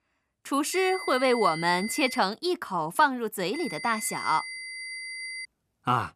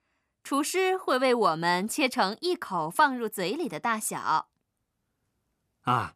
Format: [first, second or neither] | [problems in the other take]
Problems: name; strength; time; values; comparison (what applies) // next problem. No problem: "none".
second | high-pitched whine; loud; from 0.5 to 2 s and from 3.5 to 5.5 s; 2 kHz, 9 dB below the speech